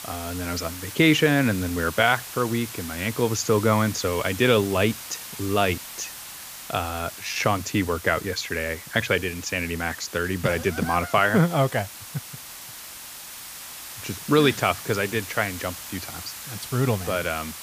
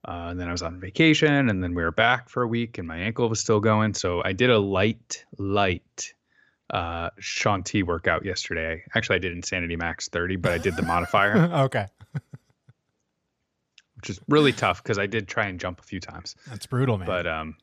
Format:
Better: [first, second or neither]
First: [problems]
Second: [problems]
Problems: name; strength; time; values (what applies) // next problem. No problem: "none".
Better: second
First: hiss; noticeable; throughout; 10 dB below the speech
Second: none